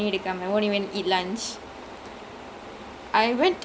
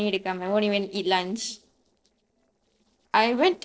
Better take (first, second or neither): first